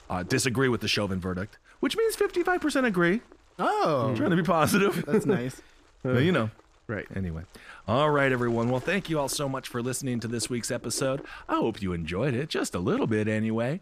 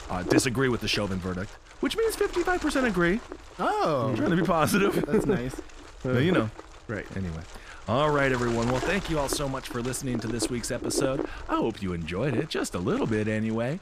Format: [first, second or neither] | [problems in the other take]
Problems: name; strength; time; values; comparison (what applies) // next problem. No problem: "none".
first | wind noise on the microphone; heavy; 9 dB below the speech; occasional gusts in the first